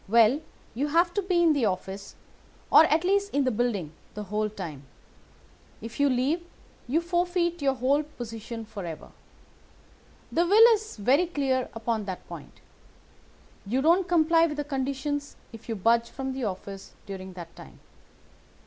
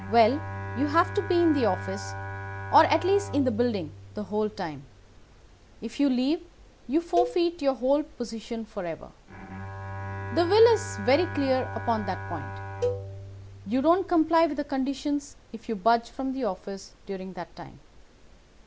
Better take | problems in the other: first | background sound (Bowed string instrument + Cowbell); 11 dB below the speech

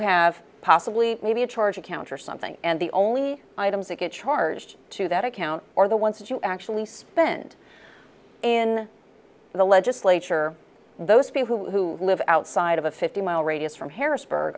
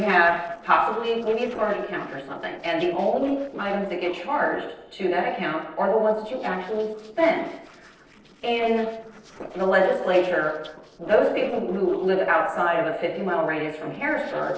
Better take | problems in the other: first | noise reduction (neural separator model SepFormer DNS4)

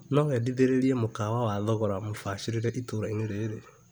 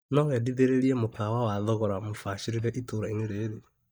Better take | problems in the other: first | noise reduction (neural mask model DeepFilterNet 3)

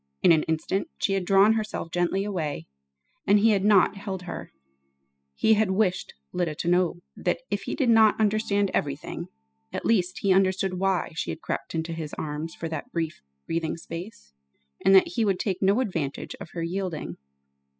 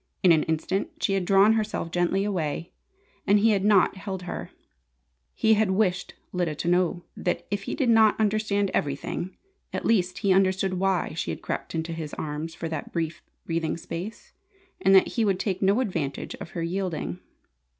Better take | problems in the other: second | noise reduction (classical method spectral subtraction)

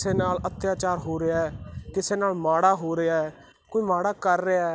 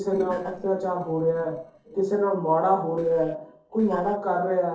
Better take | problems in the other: first | noise reduction (neural separator model SepFormer DNS4)

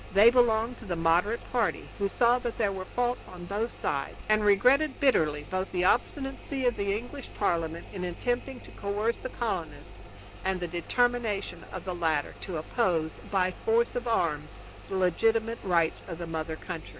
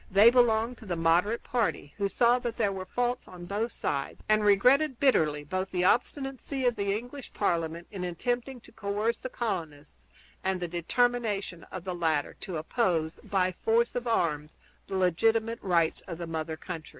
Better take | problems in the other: second | background sound (Engine); 16 dB below the speech

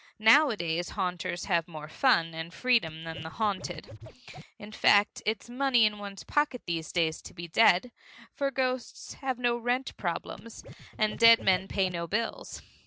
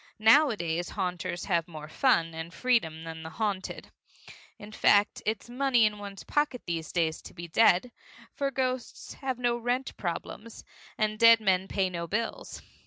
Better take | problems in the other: second | background sound (Scratching (performance technique)); 15 dB below the speech

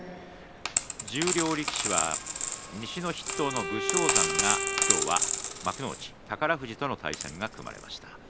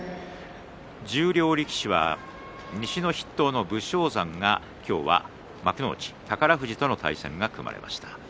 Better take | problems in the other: second | background sound (Coin (dropping) + Bowed string instrument); 3 dB above the speech

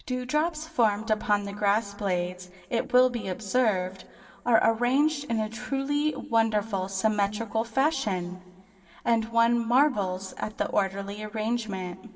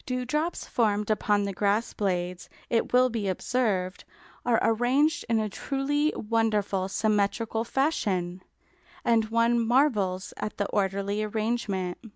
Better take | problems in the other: second | room echo; dies away in 1.6 s

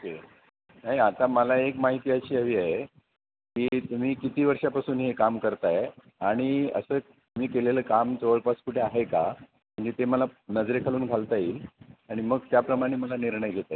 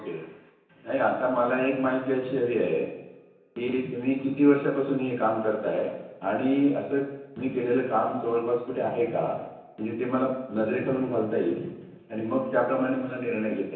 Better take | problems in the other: first | room echo; dies away in 0.9 s

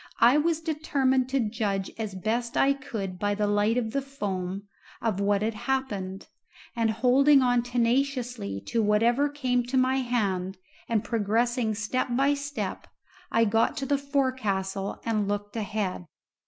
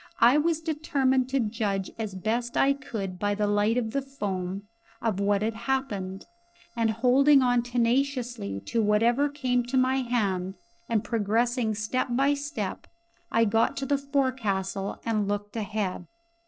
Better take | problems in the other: first | noise reduction (neural separator model SepFormer DNS4)

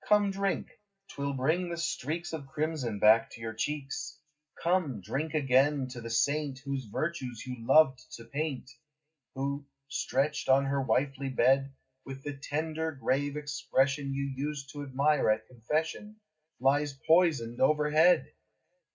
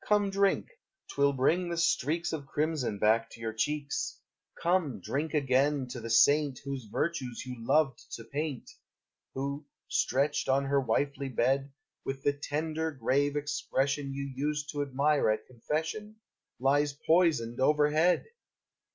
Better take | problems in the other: second | room echo; dies away in 0.4 s

